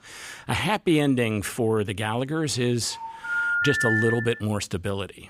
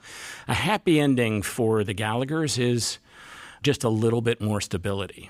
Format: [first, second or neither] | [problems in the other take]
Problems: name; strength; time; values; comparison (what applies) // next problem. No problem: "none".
second | phone ringing; loud; from 3 to 4.5 s; peak 2 dB above the speech